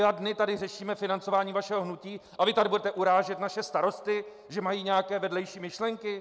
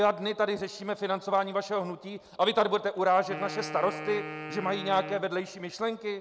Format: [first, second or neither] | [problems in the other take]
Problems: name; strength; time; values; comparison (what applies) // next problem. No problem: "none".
first | background sound (Wind instrument, woodwind instrument); 12 dB below the speech